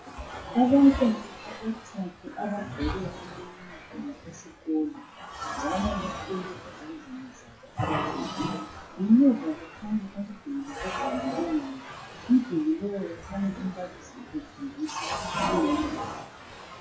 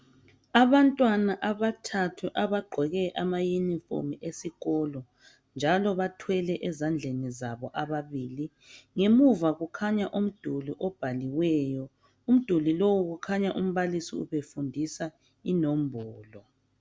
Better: second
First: noise reduction (classical method WPE with log-MMSE)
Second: none

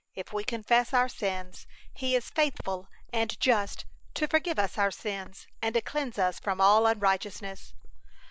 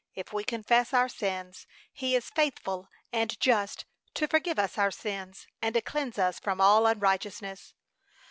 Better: second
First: noise reduction (neural mask model Resemble Enhance denoiser)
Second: none

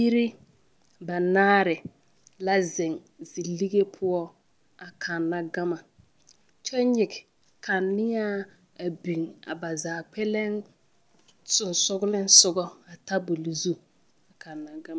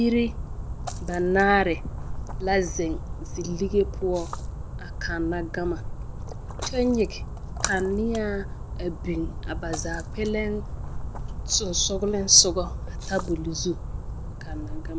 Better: first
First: none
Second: background sound (Splash, splatter); 5 dB below the speech

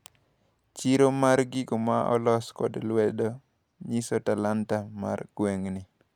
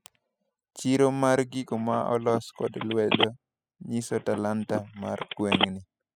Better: first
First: none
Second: noise reduction (classical method spectral subtraction)

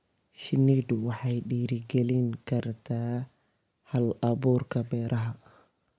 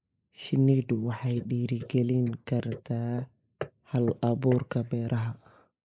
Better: first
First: none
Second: noise reduction (neural mask model Resemble Enhance denoiser)

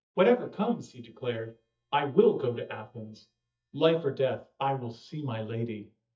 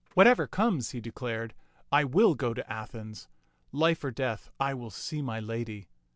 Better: second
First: noise reduction (neural mask model DeepFilterNet 3)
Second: none

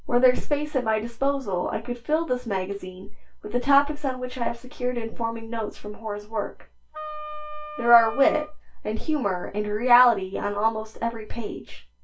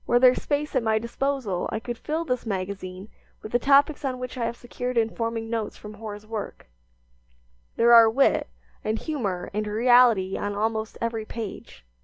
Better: second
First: background sound (Wind instrument, woodwind instrument); 13 dB below the speech // room echo; dies away in 0.2 s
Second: none

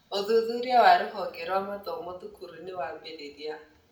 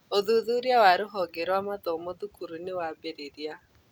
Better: second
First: room echo; dies away in 0.6 s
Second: none

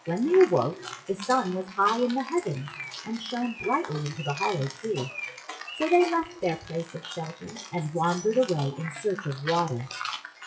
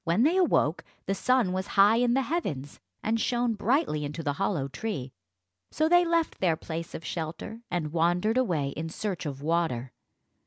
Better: second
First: noise reduction (classical method WPE with log-MMSE)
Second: none

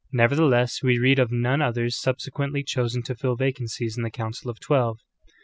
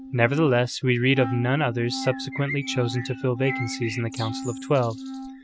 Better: first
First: none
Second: background sound (Wind instrument, woodwind instrument + Bird); 10 dB below the speech

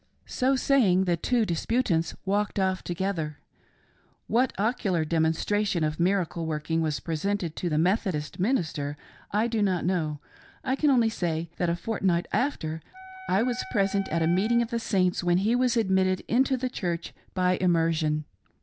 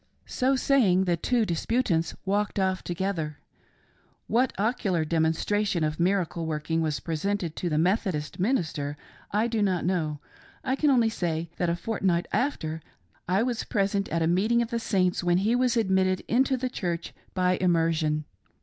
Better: second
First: background sound (Wind instrument, woodwind instrument); 15 dB below the speech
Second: none

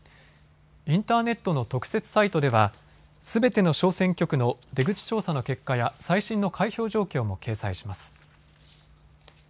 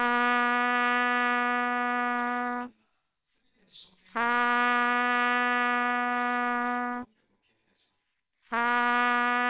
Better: first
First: none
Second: noise reduction (neural separator model SepFormer WHAMR!)

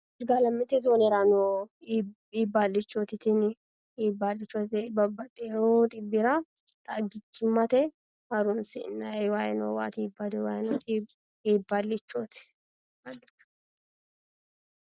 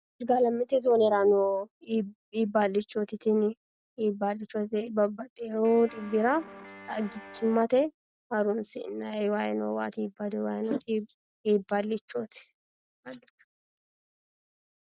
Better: first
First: none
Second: background sound (Guitar); 17 dB below the speech

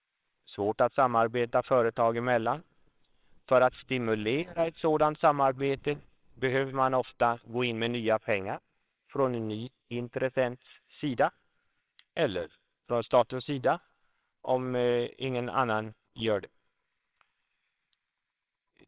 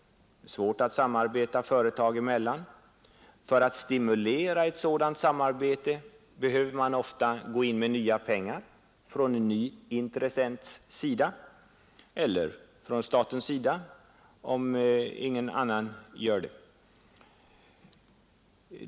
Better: second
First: noise reduction (neural separator model SepFormer WHAMR!)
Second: none

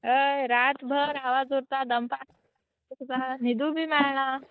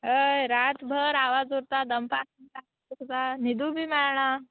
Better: second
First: noise reduction (neural mask model DeepFilterNet 3)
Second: none

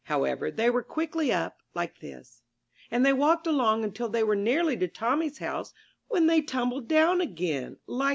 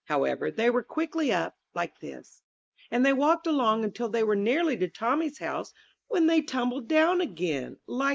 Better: first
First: none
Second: noise reduction (neural mask model Resemble Enhance denoiser)

